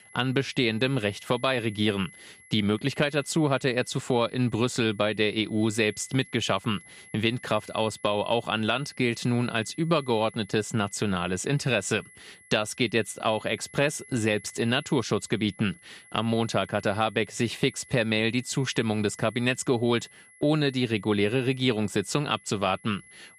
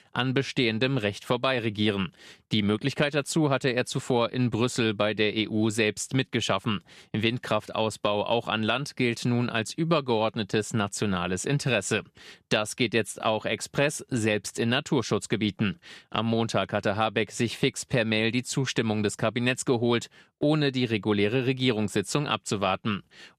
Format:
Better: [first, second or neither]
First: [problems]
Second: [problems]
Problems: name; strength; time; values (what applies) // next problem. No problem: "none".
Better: second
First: high-pitched whine; faint; throughout; 2 kHz, 25 dB below the speech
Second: none